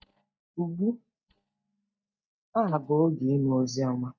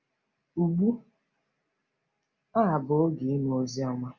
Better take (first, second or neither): second